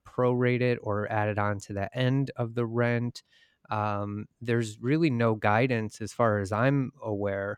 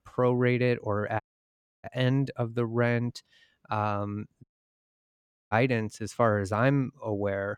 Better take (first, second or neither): first